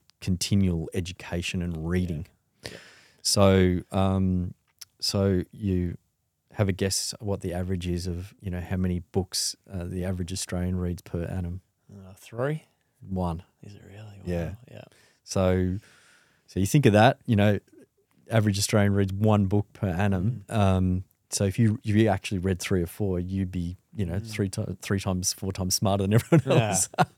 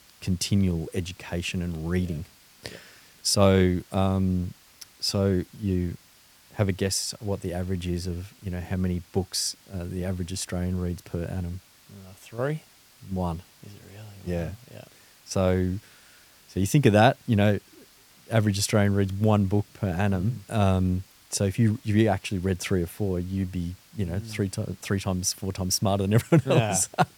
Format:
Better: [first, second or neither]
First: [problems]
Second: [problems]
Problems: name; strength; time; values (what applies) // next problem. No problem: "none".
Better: first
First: none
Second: hiss; faint; throughout; 25 dB below the speech